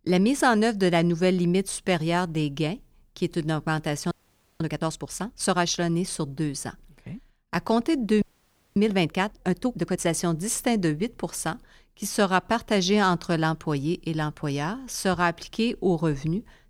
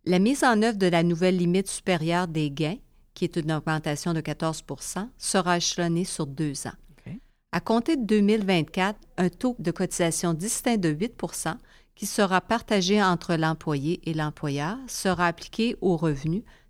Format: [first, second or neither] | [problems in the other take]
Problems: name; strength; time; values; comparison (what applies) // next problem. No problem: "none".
second | audio freezing; at 4 s and at 8 s for 0.5 s